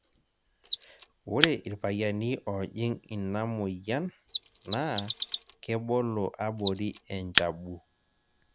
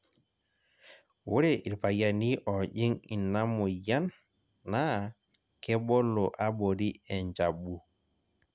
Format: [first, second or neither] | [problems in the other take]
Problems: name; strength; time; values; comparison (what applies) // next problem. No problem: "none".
second | background sound (Mechanisms); 5 dB below the speech